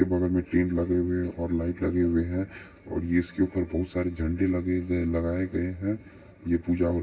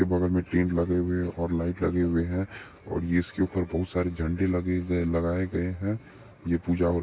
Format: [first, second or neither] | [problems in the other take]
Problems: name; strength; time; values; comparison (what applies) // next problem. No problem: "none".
second | room echo; dies away in 2 s